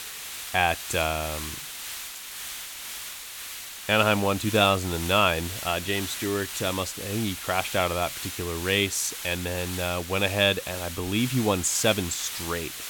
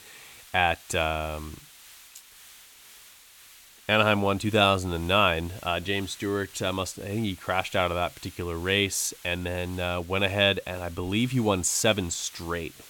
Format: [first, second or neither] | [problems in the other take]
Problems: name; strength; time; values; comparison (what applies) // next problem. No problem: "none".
second | hiss; loud; throughout; 8 dB below the speech; faint in the second